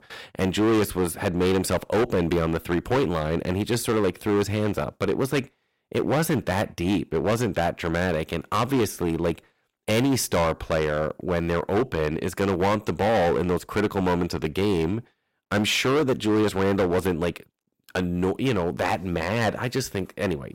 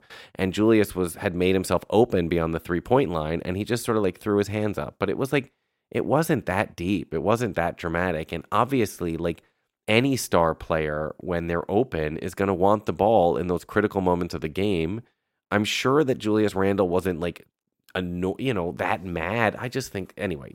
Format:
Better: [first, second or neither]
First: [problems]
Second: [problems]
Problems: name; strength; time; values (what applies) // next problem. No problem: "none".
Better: second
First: distortion; heavy; 12% of the sound clipped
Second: none